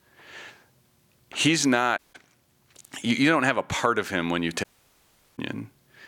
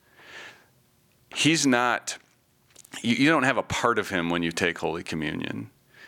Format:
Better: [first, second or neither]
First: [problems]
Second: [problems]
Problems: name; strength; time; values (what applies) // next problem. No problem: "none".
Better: second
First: audio cutting out; at 2 s and at 4.5 s for 0.5 s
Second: none